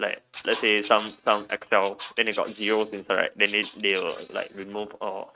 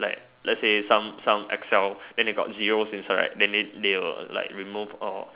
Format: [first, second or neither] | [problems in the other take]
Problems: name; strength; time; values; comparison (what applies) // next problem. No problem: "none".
second | noise reduction (neural mask model RNNoise)